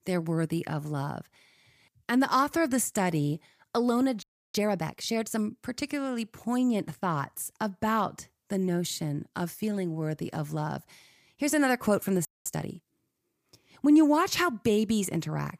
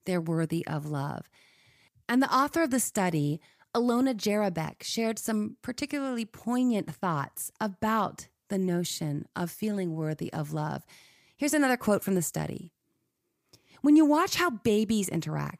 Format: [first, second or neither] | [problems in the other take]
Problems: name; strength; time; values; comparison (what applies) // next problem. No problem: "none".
second | audio freezing; at 4 s and at 12 s